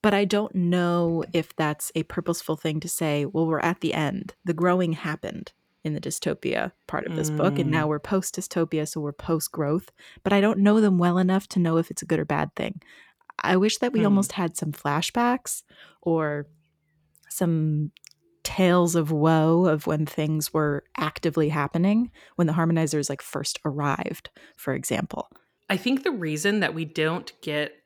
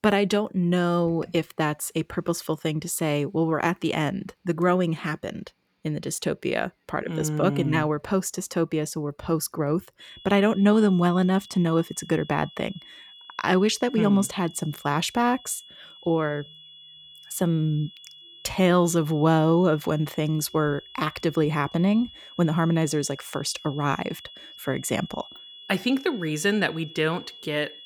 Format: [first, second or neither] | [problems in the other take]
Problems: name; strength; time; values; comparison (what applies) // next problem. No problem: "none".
first | high-pitched whine; noticeable; from 10 s on; 3.5 kHz, 20 dB below the speech